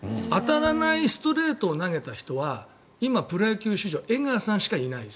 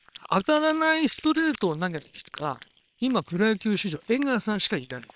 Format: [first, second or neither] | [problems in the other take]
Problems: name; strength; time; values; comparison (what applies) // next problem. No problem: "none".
first | noise reduction (neural separator model SepFormer WHAM!)